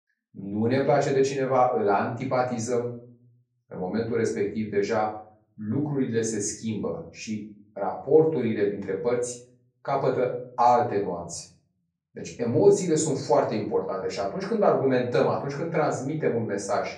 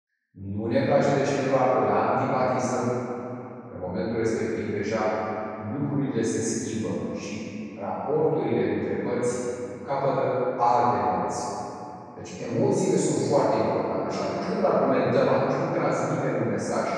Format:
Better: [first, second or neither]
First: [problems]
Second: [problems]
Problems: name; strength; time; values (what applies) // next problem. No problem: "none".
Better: first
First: room echo; slight; dies away in 0.4 s // off-mic speech; far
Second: room echo; strong; dies away in 2.8 s // off-mic speech; far